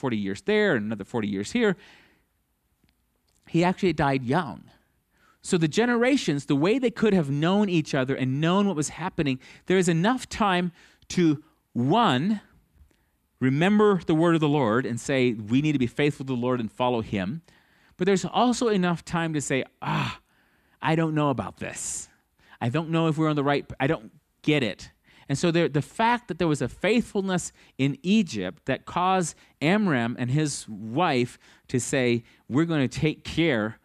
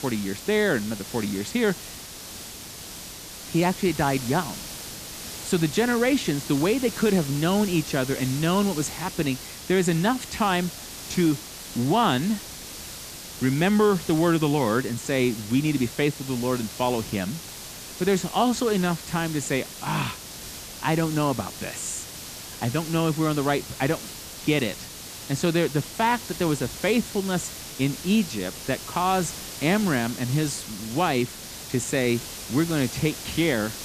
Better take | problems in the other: first | hiss; noticeable; throughout; 10 dB below the speech

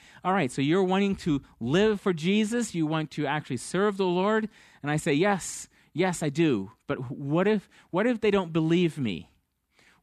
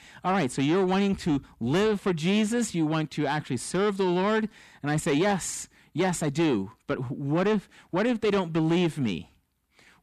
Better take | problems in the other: first | distortion; slight; 10 dB below the speech

